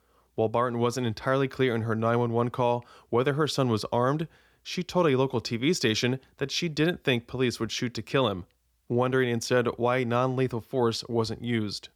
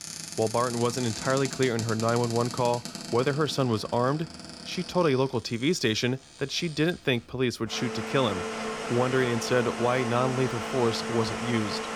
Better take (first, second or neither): first